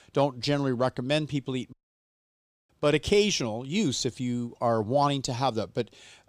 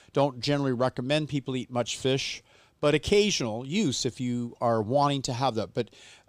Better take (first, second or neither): second